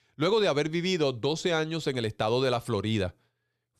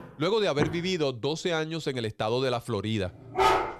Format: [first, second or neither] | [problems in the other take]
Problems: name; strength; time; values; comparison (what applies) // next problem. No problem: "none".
first | footsteps; noticeable; at the start; peak 4 dB below the speech // dog barking; loud; at 3.5 s; peak 5 dB above the speech